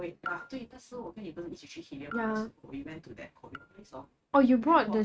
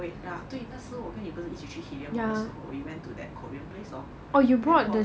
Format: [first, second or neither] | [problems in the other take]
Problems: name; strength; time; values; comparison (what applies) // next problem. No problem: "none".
second | noise reduction (neural mask model RNNoise)